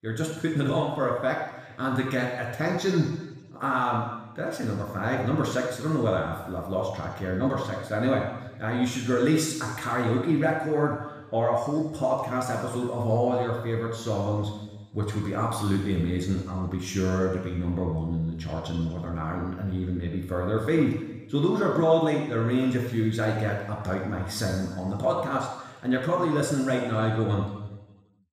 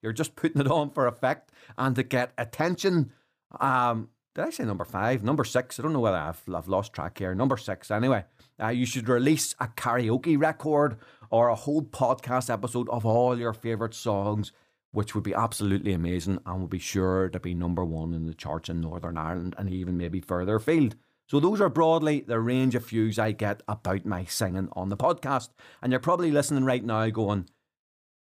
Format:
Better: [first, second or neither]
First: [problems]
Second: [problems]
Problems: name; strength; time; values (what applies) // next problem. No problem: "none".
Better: second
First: room echo; noticeable; dies away in 1.1 s // off-mic speech; somewhat distant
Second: none